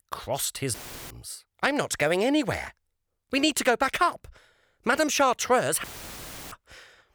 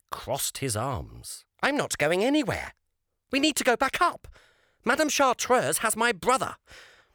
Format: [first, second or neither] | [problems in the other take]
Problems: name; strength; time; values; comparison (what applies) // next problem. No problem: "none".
second | audio cutting out; filled with static; at 0.5 s and at 6 s for 0.5 s